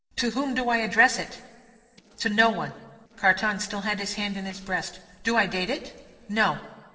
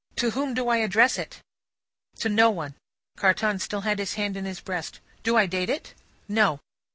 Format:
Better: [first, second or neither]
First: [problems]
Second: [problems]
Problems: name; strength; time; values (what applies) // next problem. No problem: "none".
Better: second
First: noise reduction (neural separator model SepFormer DNS4)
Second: none